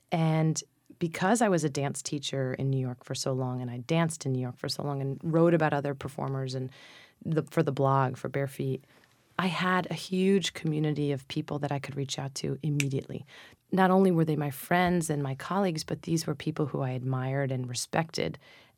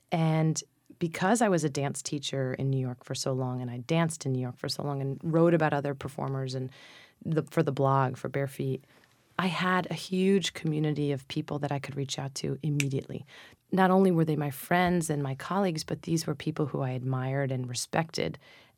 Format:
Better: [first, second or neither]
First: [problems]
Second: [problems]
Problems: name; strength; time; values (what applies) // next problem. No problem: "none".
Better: neither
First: none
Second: none